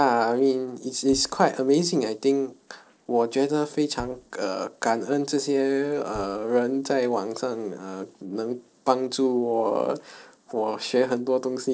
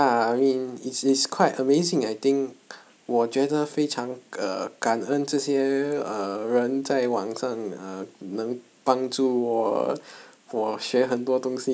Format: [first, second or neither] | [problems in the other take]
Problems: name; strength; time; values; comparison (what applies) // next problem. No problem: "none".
second | noise reduction (neural separator model SepFormer DNS4)